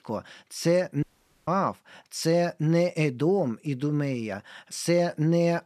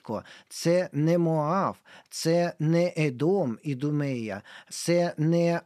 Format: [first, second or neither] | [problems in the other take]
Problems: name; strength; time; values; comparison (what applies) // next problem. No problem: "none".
second | audio cutting out; at 1 s